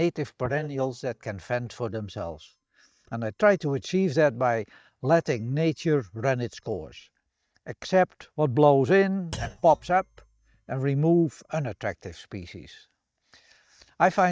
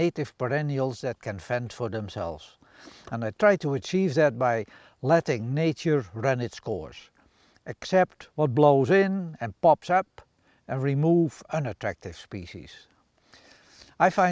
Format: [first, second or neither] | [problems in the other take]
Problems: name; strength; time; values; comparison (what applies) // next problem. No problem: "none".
second | noise reduction (neural mask model DeepFilterNet 3)